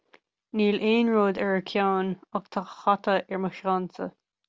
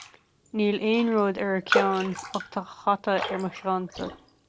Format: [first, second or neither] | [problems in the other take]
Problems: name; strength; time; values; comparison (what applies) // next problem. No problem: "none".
first | background sound (Raindrop); 7 dB below the speech